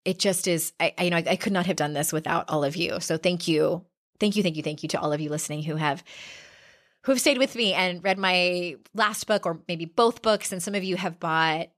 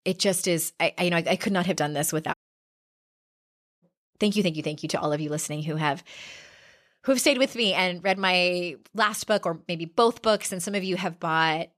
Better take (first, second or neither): first